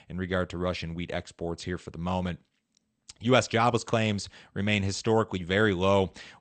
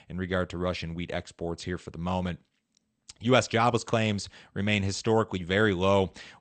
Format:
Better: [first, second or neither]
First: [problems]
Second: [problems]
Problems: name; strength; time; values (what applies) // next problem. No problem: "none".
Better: neither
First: garbled, watery; slightly; nothing above 8.5 kHz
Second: garbled, watery; slightly; nothing above 8.5 kHz